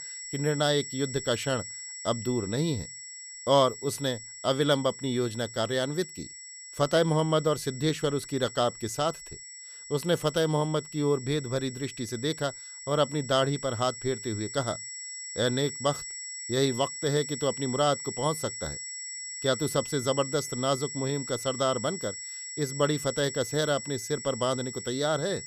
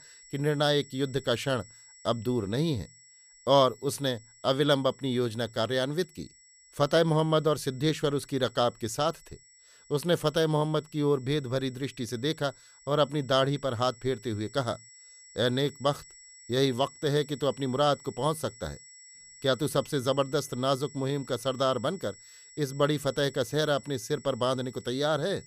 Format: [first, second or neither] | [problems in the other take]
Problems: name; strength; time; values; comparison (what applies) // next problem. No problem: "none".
second | high-pitched whine; loud; throughout; 7.5 kHz, 9 dB below the speech; faint in the second